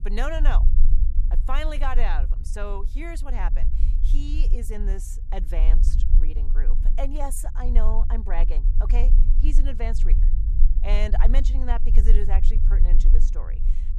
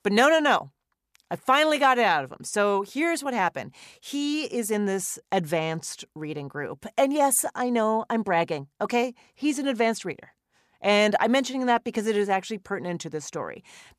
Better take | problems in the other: second | low rumble; noticeable; throughout; 10 dB below the speech

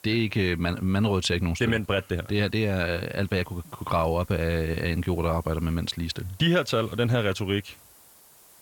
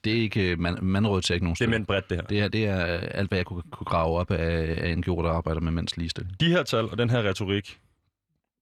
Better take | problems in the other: second | hiss; faint; throughout; 25 dB below the speech

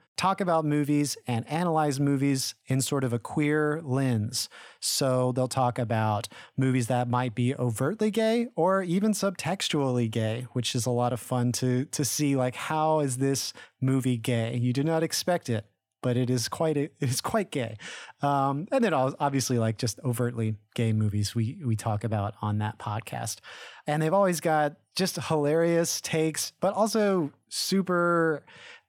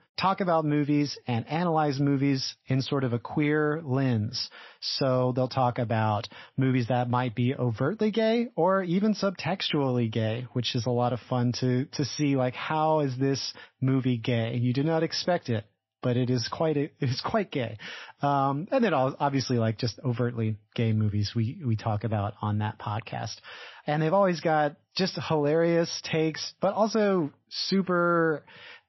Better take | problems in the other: first | garbled, watery; slightly; nothing above 5.5 kHz

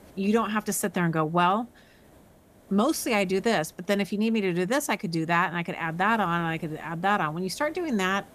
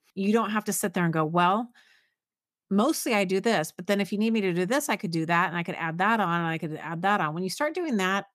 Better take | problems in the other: second | hiss; faint; throughout; 25 dB below the speech

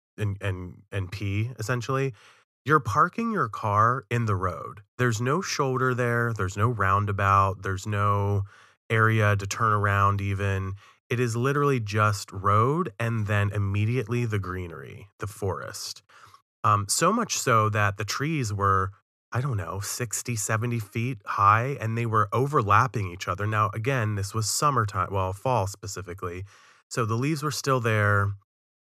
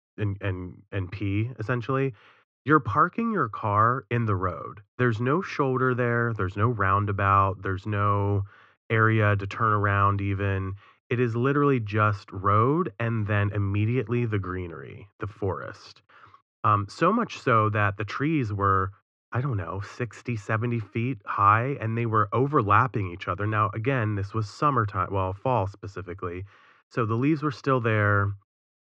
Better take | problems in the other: first | muffled; very; fading above 3 kHz

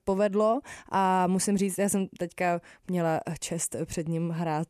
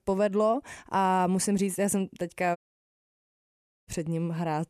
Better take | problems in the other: first | audio cutting out; at 2.5 s for 1.5 s

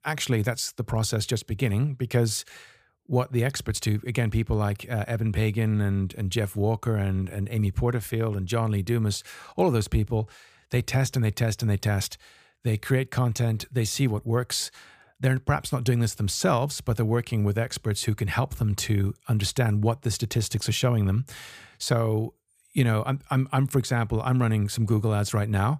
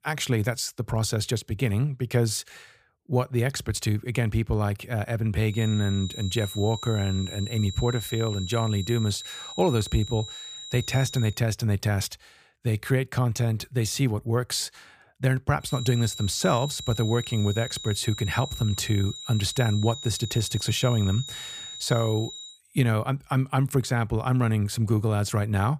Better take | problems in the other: first | high-pitched whine; noticeable; from 5.5 to 11 s and from 16 to 23 s; 4 kHz, 10 dB below the speech

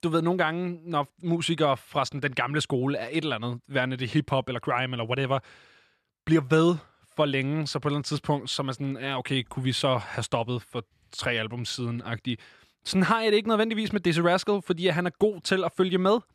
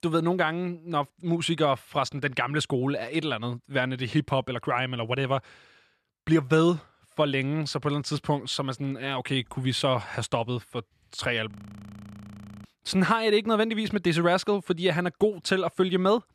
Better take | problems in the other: first | audio freezing; at 12 s for 1 s

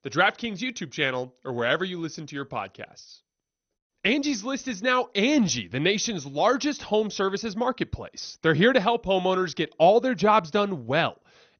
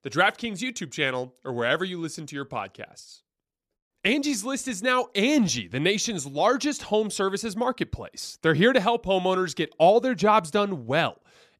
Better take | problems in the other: second | garbled, watery; slightly; nothing above 6.5 kHz

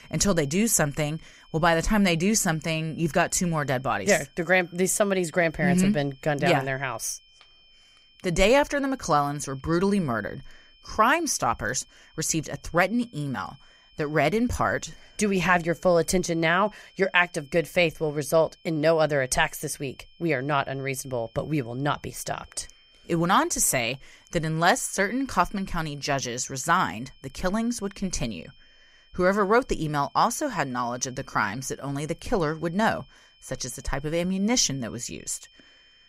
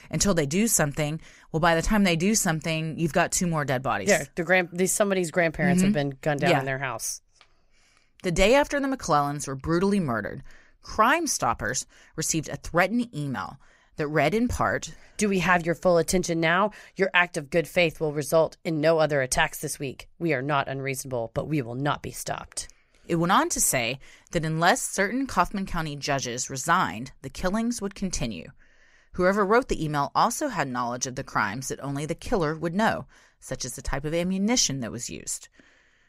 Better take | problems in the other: second | high-pitched whine; faint; throughout; 3 kHz, 30 dB below the speech

